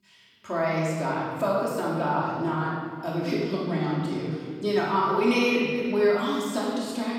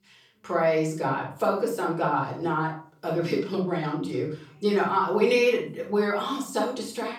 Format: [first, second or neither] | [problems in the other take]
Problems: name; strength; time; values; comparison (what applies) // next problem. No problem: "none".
second | room echo; strong; dies away in 2.1 s; slight in the second // off-mic speech; far; far in the second